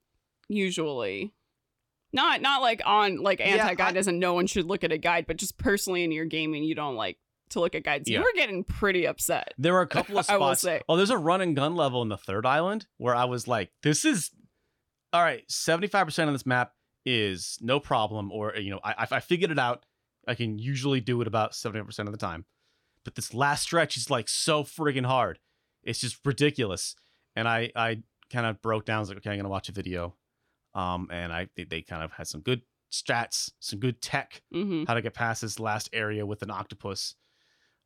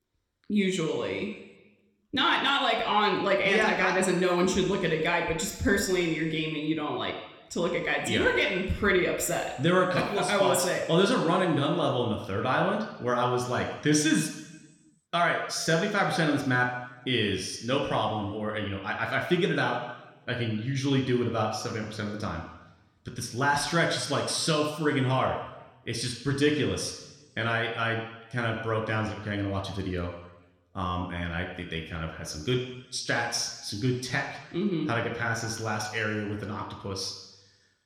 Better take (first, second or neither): first